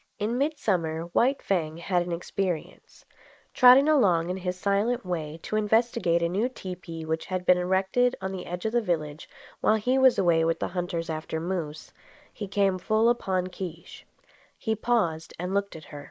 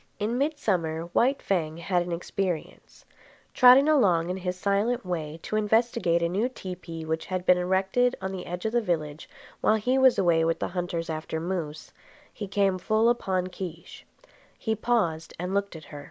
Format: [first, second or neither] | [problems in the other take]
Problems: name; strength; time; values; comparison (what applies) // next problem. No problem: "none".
second | noise reduction (neural mask model Resemble Enhance denoiser)